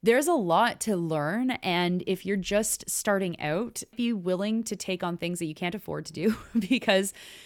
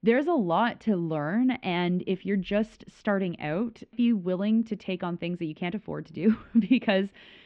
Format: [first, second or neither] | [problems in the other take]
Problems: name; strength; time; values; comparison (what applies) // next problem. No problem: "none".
first | muffled; very; fading above 3.5 kHz